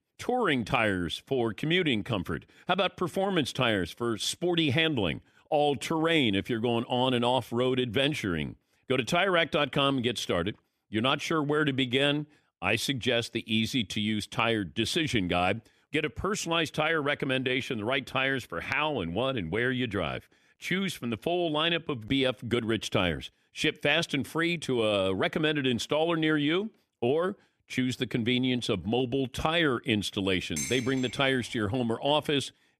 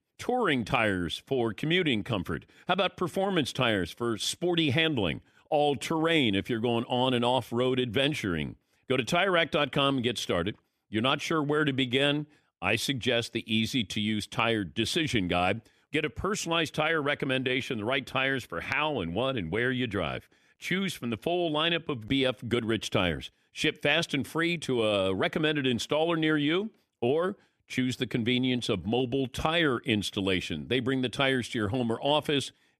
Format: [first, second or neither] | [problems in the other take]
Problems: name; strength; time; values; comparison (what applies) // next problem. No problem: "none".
second | clattering dishes; noticeable; at 31 s; peak 6 dB below the speech